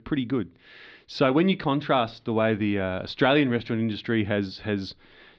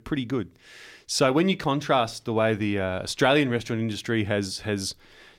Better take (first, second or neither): second